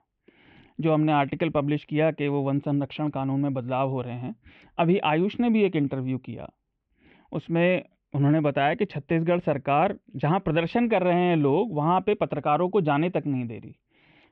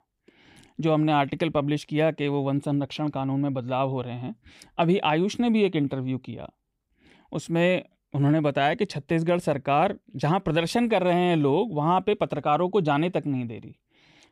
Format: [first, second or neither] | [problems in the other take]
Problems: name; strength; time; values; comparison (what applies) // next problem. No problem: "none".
second | muffled; very; fading above 3 kHz